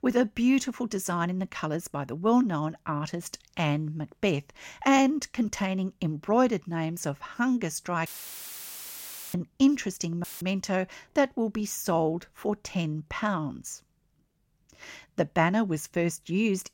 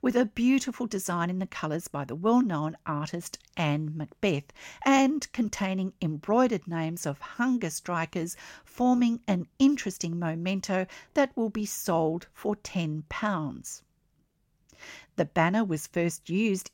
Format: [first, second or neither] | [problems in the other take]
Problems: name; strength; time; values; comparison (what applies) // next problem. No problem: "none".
second | audio cutting out; filled with static; at 8 s for 1.5 s and at 10 s